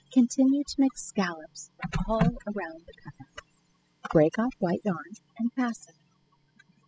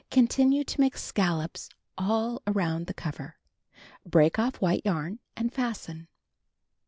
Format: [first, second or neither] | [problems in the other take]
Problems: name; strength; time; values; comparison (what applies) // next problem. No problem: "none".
second | noise reduction (classical method spectral subtraction)